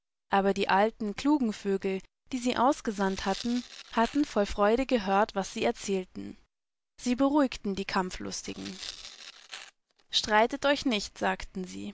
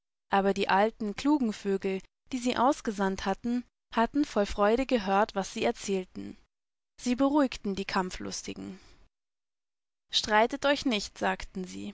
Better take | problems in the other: second | background sound (Tearing); 19 dB below the speech

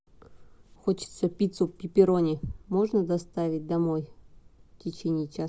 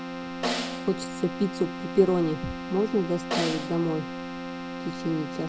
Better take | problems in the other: first | background sound (Keyboard (musical) + Snare drum); 5 dB below the speech

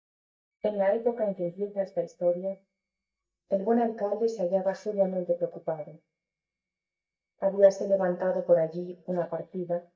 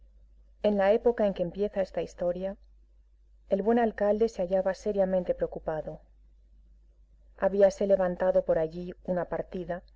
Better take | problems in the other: second | noise reduction (neural mask model DeepFilterNet 3)

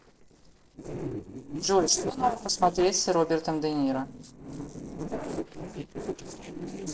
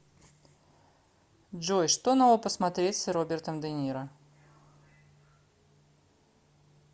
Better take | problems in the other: second | noise reduction (neural separator model SepFormer DNS4)

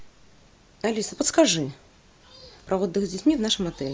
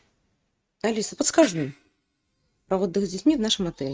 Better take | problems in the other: first | noise reduction (neural mask model RNNoise)

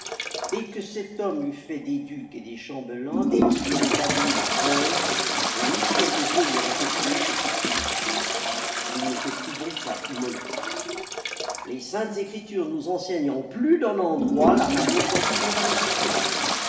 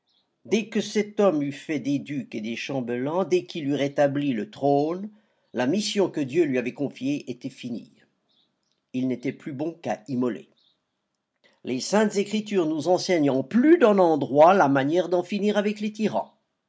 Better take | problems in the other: second | background sound (Toilet flush); 3 dB above the speech // room echo; dies away in 0.9 s

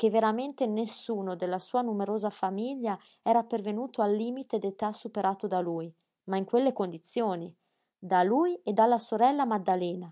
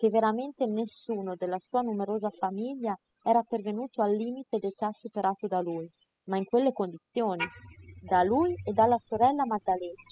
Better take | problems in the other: first | noise reduction (classical method spectral subtraction)

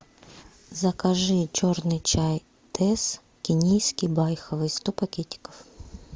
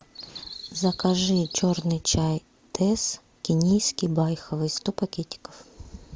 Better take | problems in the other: first | background sound (Bird vocalization, bird call, bird song); 19 dB below the speech

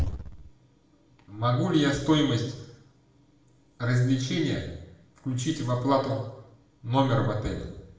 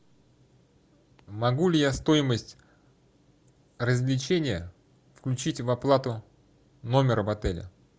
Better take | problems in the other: second | room echo; dies away in 0.8 s

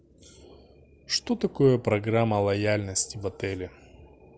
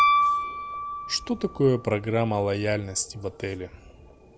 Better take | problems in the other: first | background sound (Piano); 1 dB below the speech

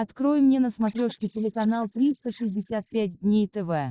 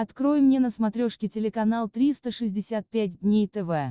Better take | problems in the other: second | noise reduction (neural mask model Resemble Enhance denoiser)

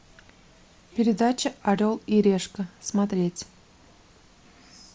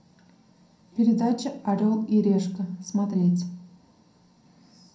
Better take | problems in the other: first | room echo; dies away in 0.5 s

